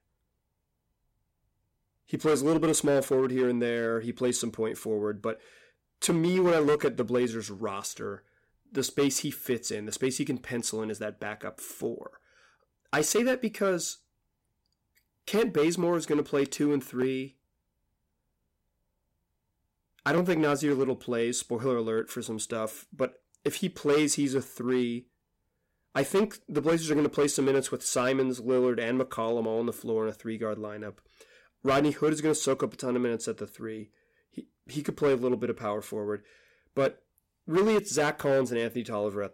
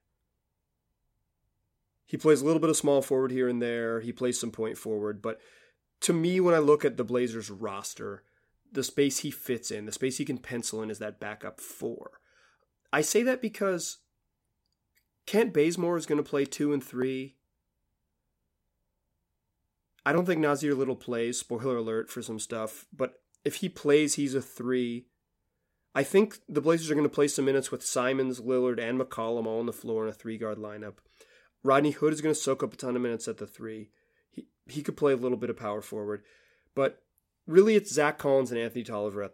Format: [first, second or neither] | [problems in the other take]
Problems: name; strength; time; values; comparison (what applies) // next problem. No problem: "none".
second | distortion; slight; 4% of the sound clipped